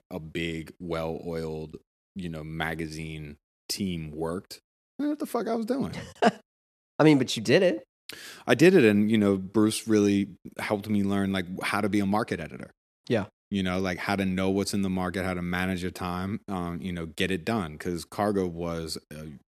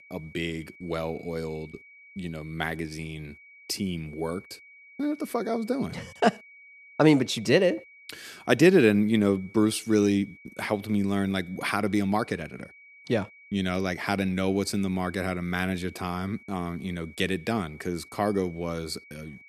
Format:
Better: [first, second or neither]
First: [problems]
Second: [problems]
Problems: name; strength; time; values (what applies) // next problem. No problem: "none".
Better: first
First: none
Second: high-pitched whine; faint; throughout; 2.5 kHz, 25 dB below the speech